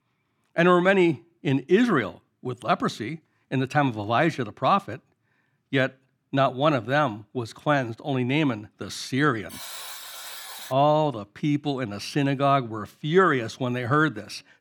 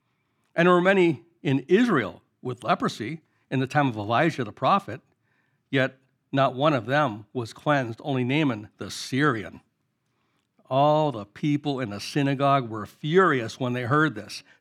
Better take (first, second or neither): second